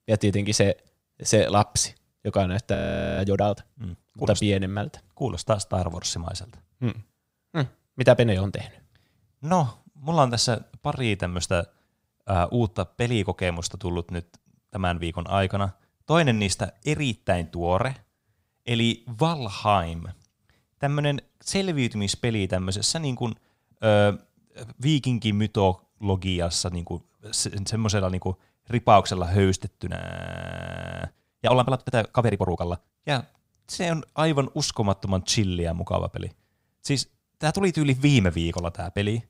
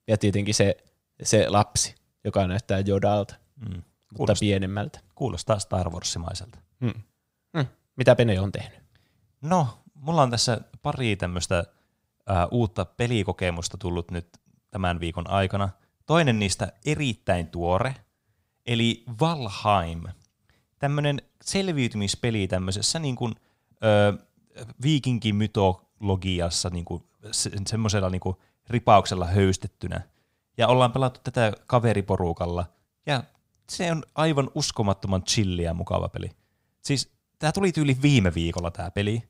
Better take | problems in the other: second | audio freezing; at 3 s and at 30 s for 1 s

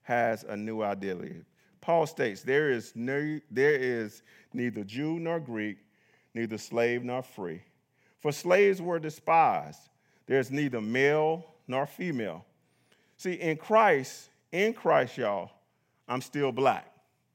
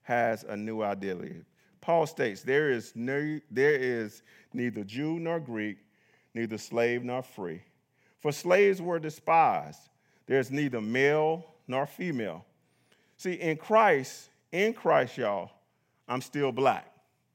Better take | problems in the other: neither | none

